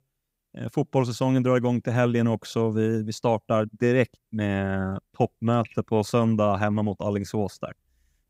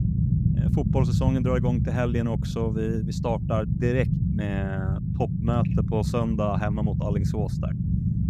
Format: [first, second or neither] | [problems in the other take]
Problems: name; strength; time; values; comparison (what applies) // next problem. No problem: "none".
first | low rumble; loud; throughout; 6 dB below the speech